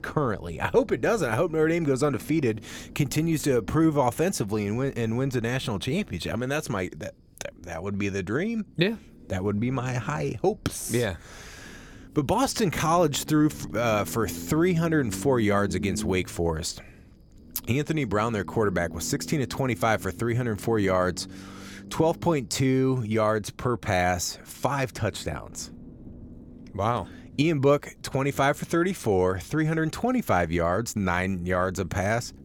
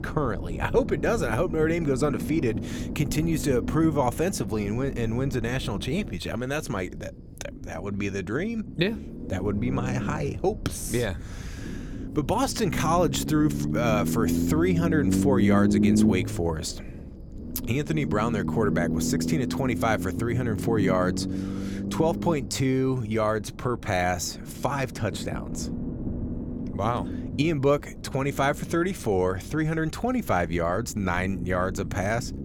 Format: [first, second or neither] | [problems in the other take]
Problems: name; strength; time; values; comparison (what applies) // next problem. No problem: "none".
first | low rumble; loud; throughout; 8 dB below the speech; faint in the first